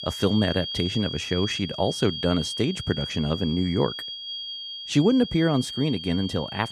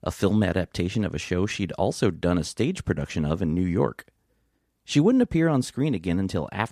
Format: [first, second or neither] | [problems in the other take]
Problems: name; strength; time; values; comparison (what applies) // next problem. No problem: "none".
second | high-pitched whine; loud; throughout; 3.5 kHz, 7 dB below the speech